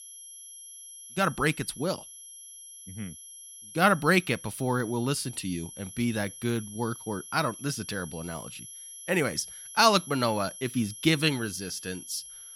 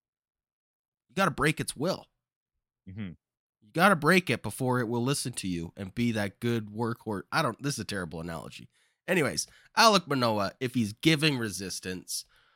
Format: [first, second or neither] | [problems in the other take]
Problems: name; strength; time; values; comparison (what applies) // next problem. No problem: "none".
second | high-pitched whine; noticeable; throughout; 11 kHz, 15 dB below the speech